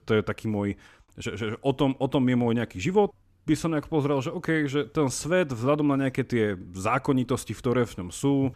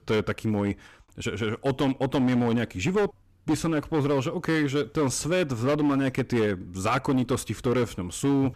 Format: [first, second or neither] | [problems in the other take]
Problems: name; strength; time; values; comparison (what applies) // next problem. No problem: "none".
first | distortion; slight; 11% of the sound clipped